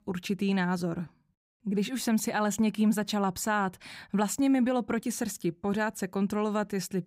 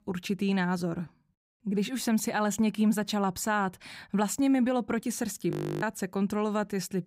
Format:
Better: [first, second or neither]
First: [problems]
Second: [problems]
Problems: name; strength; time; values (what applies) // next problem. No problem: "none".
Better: first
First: none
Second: audio freezing; at 5.5 s